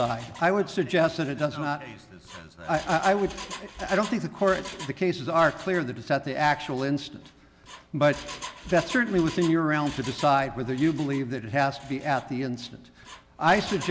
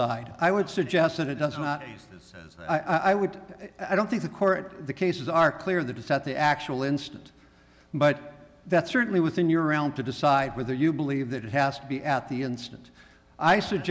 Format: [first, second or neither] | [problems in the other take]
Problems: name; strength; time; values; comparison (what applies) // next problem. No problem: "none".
second | background sound (Engine); 17 dB below the speech